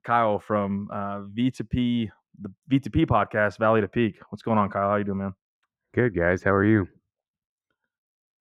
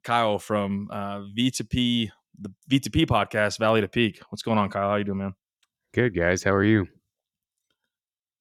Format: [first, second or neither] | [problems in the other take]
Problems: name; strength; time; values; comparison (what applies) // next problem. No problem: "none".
second | muffled; very; fading above 2.5 kHz